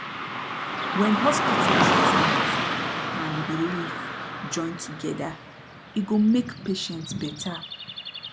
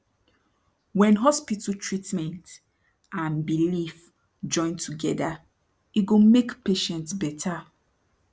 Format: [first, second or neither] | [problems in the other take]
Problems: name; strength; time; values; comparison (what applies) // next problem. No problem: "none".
second | background sound (Car passing by / Traffic noise, roadway noise); 2 dB above the speech